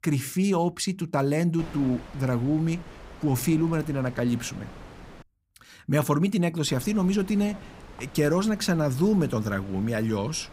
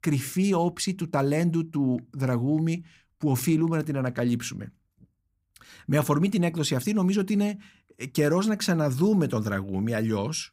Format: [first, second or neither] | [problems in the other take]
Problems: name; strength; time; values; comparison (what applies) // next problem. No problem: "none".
second | wind noise on the microphone; occasional gusts; from 1.5 to 5 s and from 6.5 s on; 15 dB below the speech